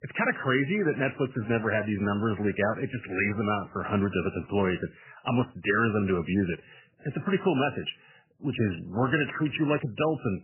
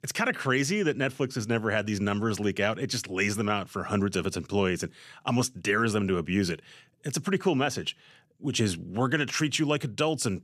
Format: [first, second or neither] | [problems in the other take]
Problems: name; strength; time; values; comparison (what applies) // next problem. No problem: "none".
second | garbled, watery; badly; nothing above 3 kHz